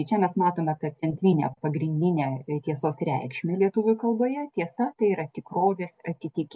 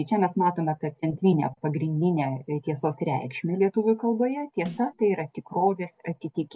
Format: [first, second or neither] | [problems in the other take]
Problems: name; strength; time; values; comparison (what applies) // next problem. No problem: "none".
first | background sound (Snare drum); 16 dB below the speech